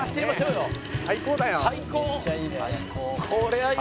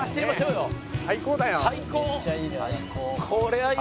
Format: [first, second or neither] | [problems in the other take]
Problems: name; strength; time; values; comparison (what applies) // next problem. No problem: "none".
second | background sound (Telephone); 16 dB below the speech